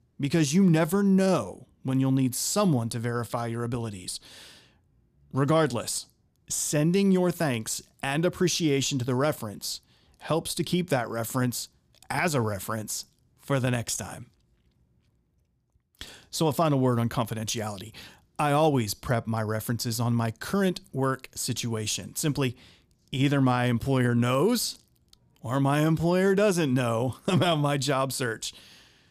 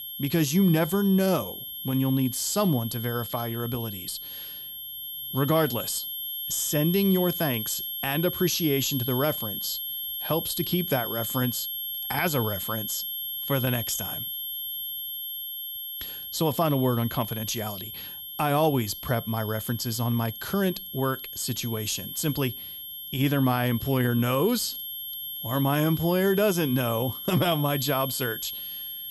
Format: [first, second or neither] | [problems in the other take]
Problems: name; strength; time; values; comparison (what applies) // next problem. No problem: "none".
first | high-pitched whine; loud; throughout; 11.5 kHz, 6 dB below the speech